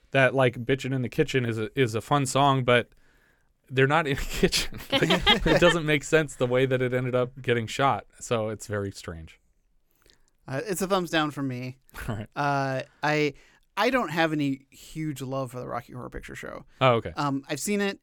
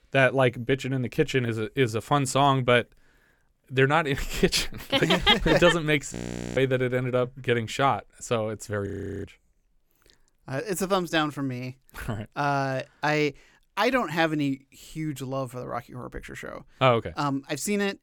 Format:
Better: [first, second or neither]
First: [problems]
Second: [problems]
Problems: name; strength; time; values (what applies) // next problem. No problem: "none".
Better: first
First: none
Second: audio freezing; at 6 s and at 9 s